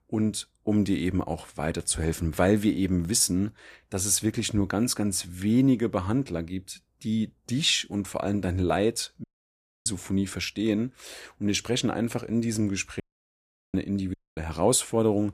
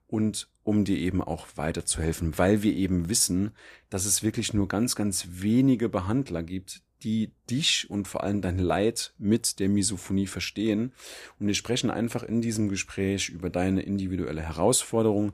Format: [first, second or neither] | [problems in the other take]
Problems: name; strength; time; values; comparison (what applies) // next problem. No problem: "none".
second | audio cutting out; at 9 s for 0.5 s, at 13 s for 0.5 s and at 14 s